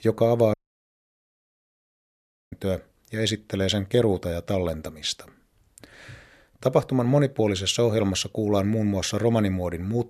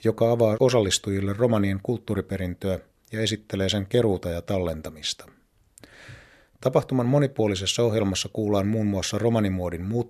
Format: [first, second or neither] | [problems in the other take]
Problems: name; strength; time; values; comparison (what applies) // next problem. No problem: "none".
second | audio cutting out; at 0.5 s for 2 s